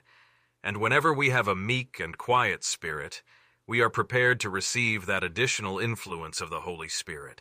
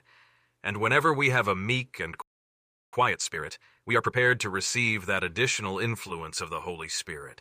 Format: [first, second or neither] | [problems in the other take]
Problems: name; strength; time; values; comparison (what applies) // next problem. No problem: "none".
first | audio freezing; at 2 s for 0.5 s